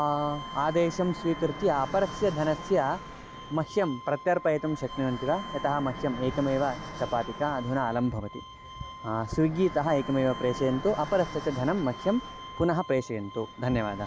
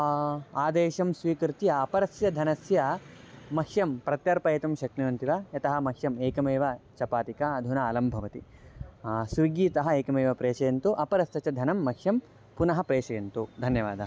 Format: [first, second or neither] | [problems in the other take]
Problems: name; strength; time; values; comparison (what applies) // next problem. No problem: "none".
second | background sound (Fixed-wing aircraft, airplane + Bowed string instrument); 12 dB below the speech